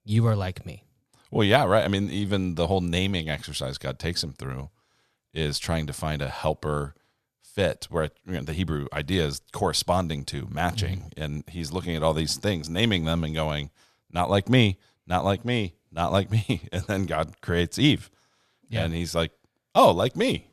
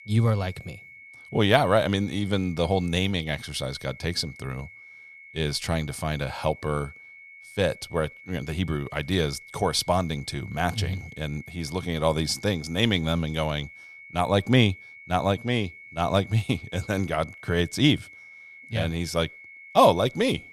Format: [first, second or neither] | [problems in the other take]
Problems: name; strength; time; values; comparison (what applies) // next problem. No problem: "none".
first | high-pitched whine; noticeable; throughout; 2 kHz, 20 dB below the speech